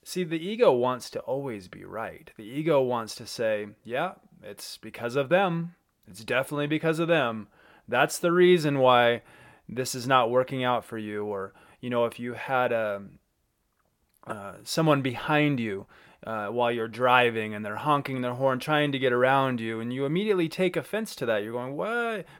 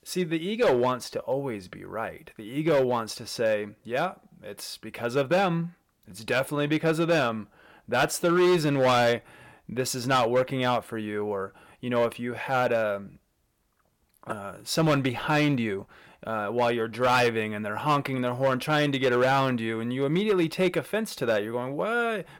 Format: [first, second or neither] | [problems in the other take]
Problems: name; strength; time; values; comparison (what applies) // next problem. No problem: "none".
first | distortion; slight; 5% of the sound clipped